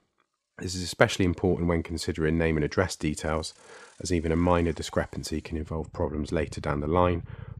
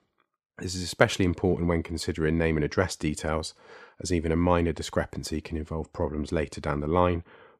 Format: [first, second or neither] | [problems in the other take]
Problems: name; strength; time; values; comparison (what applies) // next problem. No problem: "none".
second | traffic noise; noticeable; throughout; 20 dB below the speech